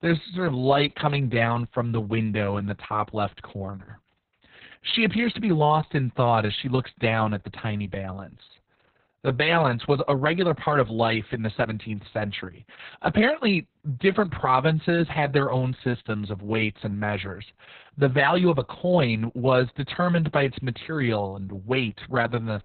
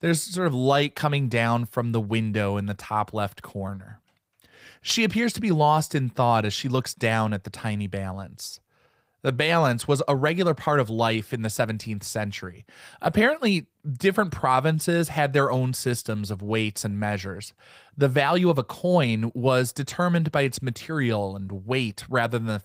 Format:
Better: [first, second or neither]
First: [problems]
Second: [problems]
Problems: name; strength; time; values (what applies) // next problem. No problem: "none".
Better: second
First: garbled, watery; badly; nothing above 4 kHz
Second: garbled, watery; slightly; nothing above 15.5 kHz